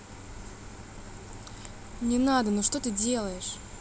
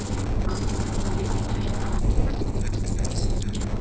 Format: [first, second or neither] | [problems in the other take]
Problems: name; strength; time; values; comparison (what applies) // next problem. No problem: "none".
first | noise reduction (neural separator model SepFormer DNS4)